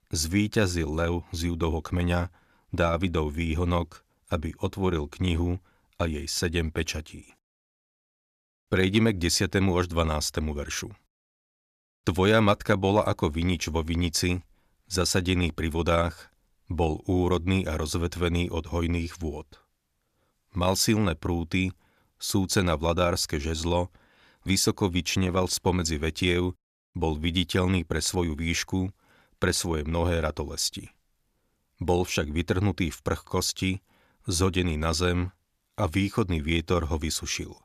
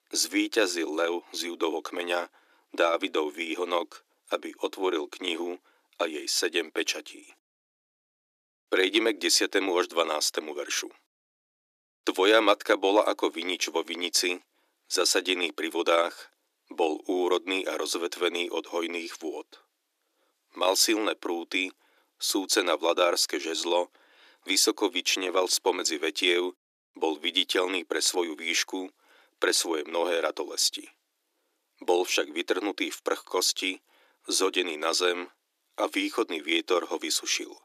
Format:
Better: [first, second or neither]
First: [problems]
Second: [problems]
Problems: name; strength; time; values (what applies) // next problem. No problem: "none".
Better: first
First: none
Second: thin; very; fading below 300 Hz